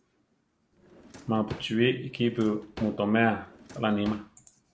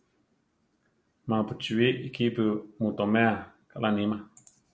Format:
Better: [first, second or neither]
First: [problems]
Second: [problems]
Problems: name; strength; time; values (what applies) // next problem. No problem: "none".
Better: second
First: background sound (Drawer open or close); 19 dB below the speech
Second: none